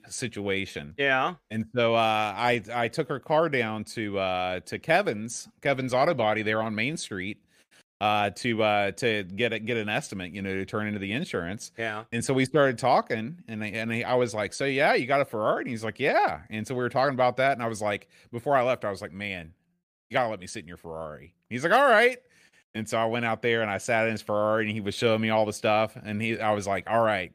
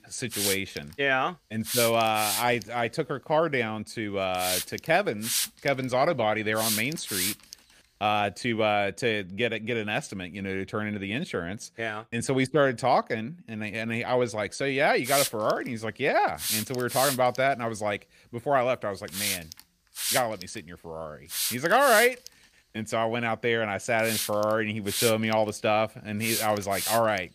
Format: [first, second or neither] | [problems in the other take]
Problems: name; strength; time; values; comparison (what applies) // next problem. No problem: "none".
first | hiss; loud; until 9 s and from 15 s on; 3 dB below the speech